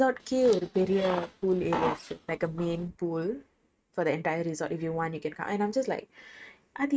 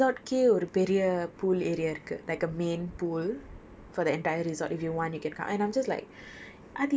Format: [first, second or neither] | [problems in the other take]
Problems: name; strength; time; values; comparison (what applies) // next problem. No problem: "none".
second | noise reduction (neural mask model RNNoise)